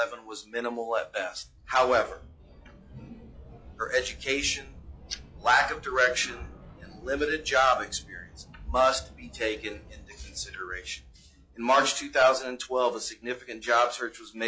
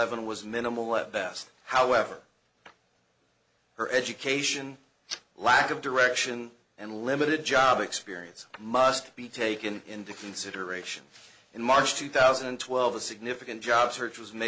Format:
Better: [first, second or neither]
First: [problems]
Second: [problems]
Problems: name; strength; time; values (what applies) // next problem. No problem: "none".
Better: second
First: noise reduction (classical method log-MMSE)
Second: none